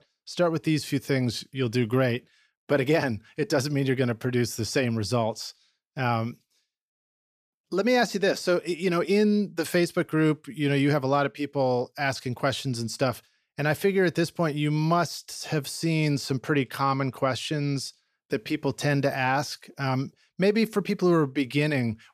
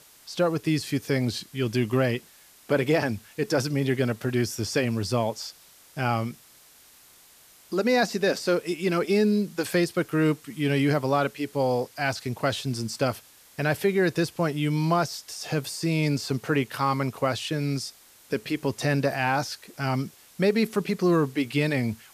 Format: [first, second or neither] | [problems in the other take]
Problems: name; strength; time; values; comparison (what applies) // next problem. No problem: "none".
first | hiss; faint; throughout; 25 dB below the speech